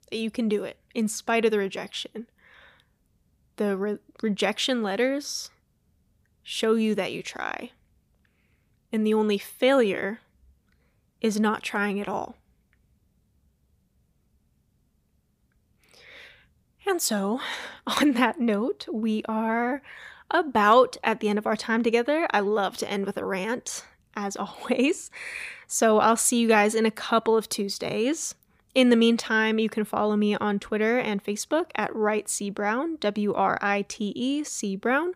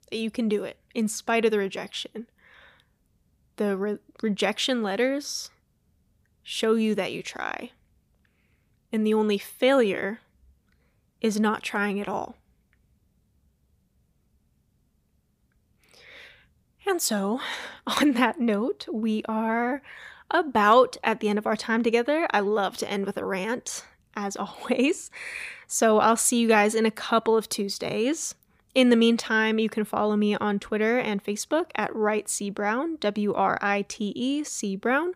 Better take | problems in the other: neither | none

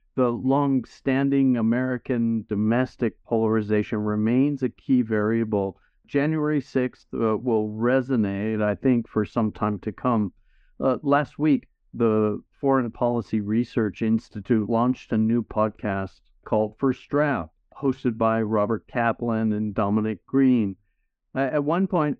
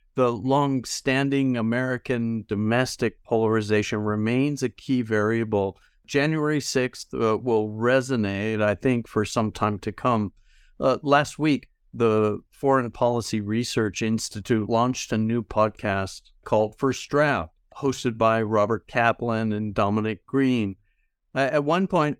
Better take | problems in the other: second | muffled; very; fading above 2 kHz

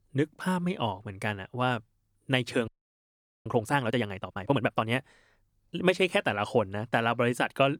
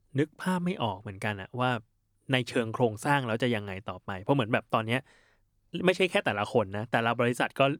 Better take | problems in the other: second | audio freezing; at 2.5 s for 1 s

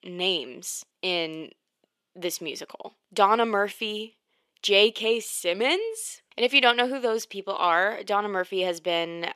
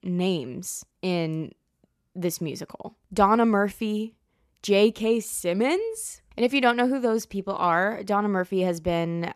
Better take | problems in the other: second | thin; somewhat; fading below 400 Hz

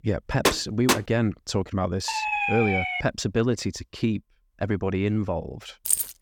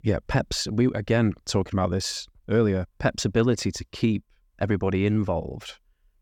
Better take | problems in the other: second | door banging; loud; at 0.5 s; peak 2 dB above the speech // siren; loud; at 2 s; peak 2 dB above the speech // jangling keys; loud; at 6 s; peak 3 dB above the speech

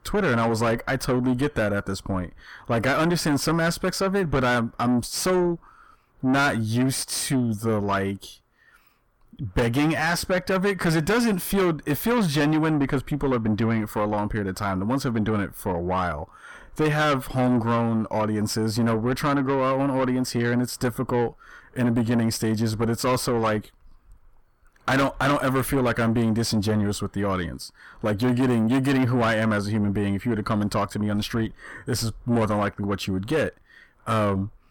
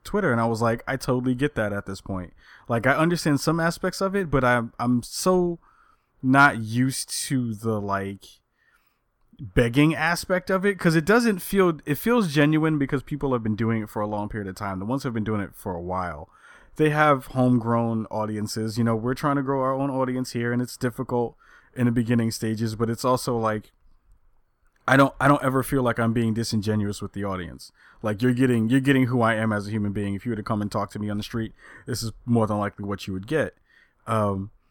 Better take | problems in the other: second | distortion; heavy; 6 dB below the speech

